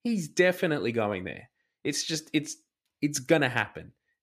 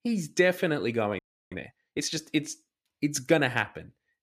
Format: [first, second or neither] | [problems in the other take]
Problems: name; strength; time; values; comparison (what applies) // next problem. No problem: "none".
first | audio freezing; at 1 s